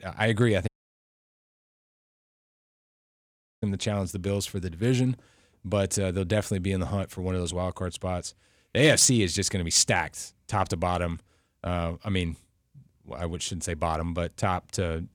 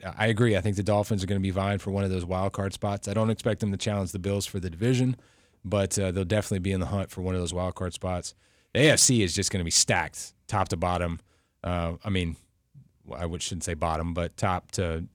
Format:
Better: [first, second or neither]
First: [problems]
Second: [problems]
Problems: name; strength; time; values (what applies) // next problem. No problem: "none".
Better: second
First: audio cutting out; at 0.5 s for 3 s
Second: none